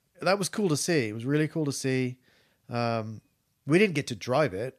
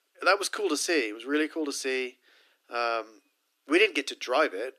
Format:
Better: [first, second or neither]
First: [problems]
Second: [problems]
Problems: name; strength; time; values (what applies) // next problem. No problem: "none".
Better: first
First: none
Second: thin; somewhat; fading below 300 Hz